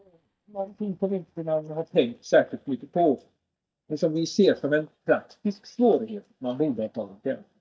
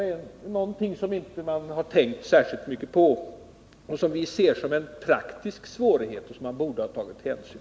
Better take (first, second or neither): second